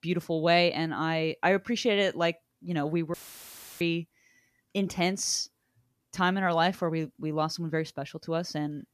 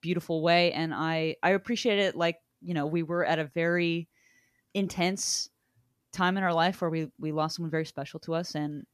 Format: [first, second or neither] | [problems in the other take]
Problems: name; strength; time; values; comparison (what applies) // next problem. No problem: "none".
second | audio cutting out; filled with static; at 3 s for 0.5 s